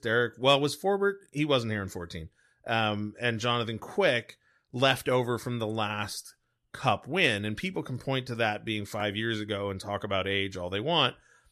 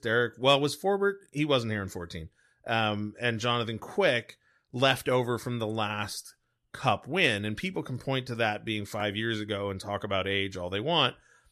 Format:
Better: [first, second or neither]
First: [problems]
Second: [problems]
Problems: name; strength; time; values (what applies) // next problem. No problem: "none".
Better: neither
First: none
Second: none